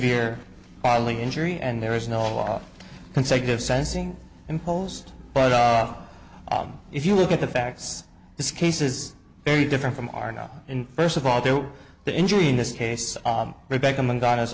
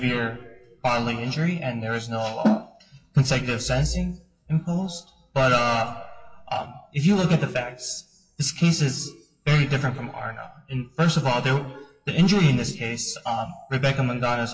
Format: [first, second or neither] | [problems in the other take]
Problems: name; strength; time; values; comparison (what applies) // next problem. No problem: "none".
first | noise reduction (classical method WPE with log-MMSE)